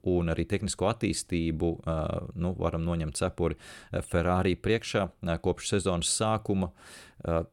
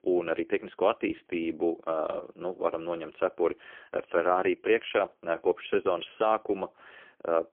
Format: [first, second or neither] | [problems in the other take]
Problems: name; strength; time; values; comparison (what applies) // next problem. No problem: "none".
first | phone-call audio; poor line; nothing above 3.5 kHz